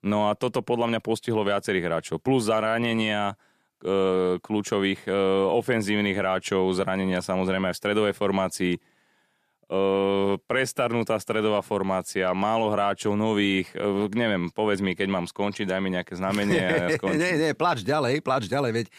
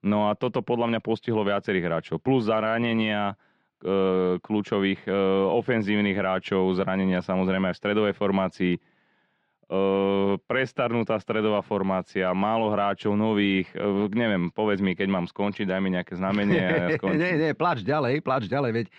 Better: first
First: none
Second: muffled; slightly; fading above 3.5 kHz

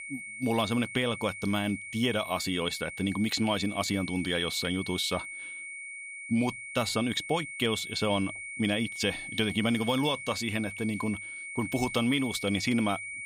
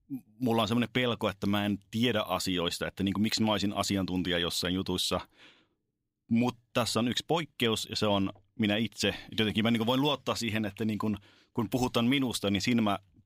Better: second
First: high-pitched whine; loud; throughout; 2 kHz, 8 dB below the speech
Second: none

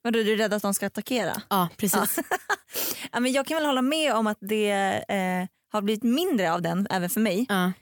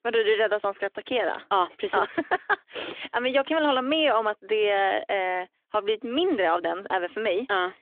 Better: first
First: none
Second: phone-call audio

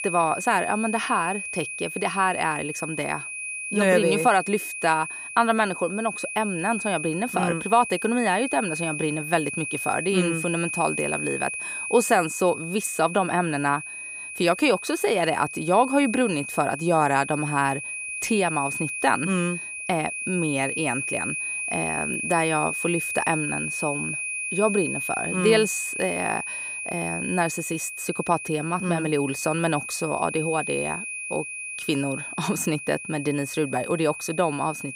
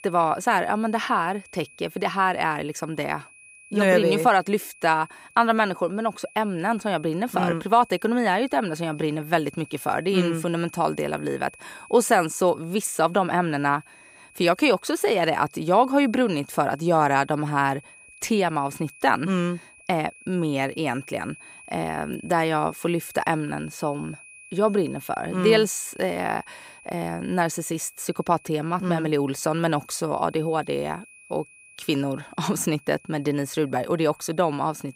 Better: second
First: high-pitched whine; loud; throughout; 2.5 kHz, 5 dB below the speech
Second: high-pitched whine; faint; throughout; 2.5 kHz, 25 dB below the speech

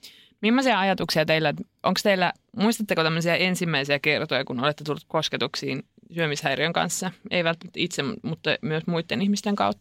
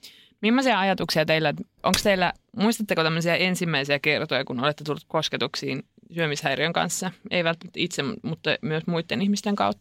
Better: first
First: none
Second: keyboard typing; noticeable; at 2 s; peak 4 dB below the speech

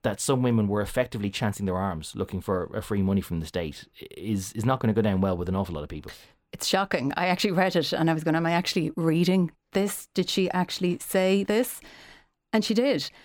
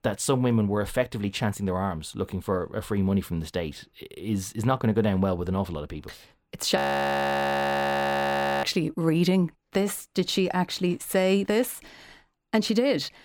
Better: first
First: none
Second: audio freezing; at 7 s for 2 s

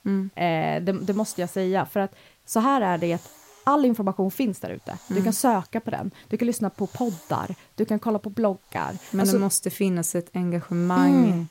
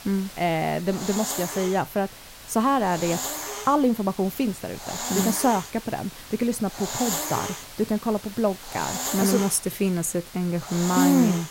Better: first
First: hiss; faint; throughout; 25 dB below the speech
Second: hiss; loud; throughout; 7 dB below the speech

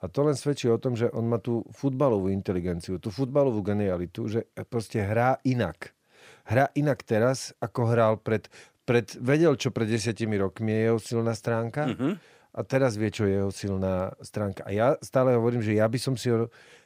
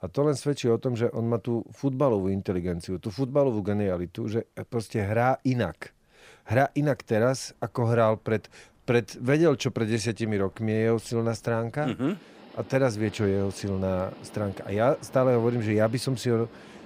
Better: first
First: none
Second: train or aircraft noise; faint; throughout; 20 dB below the speech

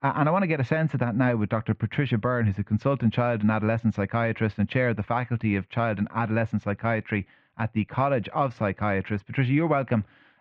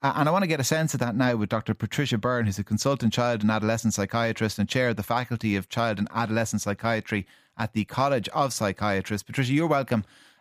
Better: second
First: muffled; very; fading above 2.5 kHz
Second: none

